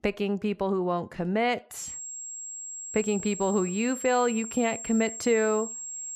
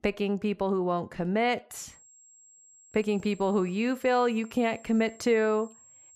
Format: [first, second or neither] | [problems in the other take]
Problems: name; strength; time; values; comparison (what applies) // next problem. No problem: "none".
second | high-pitched whine; loud; from 2 s on; 7.5 kHz, 8 dB below the speech; faint in the second